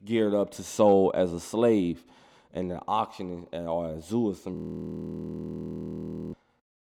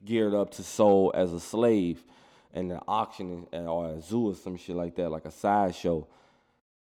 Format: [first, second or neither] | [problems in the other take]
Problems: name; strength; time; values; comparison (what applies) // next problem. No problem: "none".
second | audio freezing; at 4.5 s for 2 s